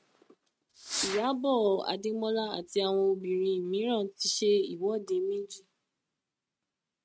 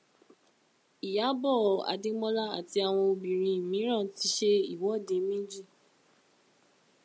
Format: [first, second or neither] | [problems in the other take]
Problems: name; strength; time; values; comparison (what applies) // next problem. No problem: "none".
second | noise reduction (neural mask model RNNoise)